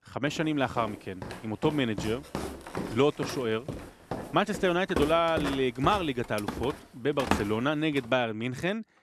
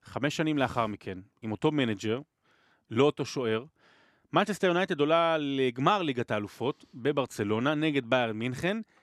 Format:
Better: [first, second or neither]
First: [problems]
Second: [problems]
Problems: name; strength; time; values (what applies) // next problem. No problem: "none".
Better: second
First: footsteps; noticeable; from 1 to 7.5 s; peak 2 dB below the speech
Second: none